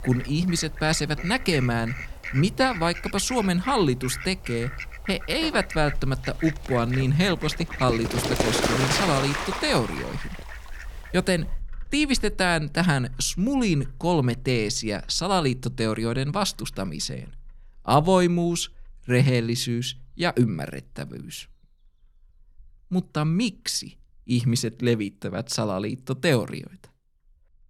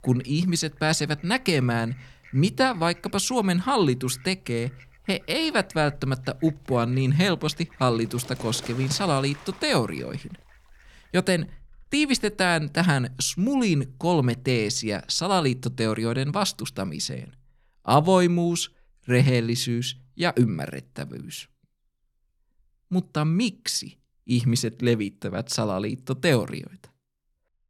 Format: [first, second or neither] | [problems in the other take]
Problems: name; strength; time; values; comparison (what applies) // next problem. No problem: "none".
second | animal sounds; loud; throughout; 8 dB below the speech; faint in the second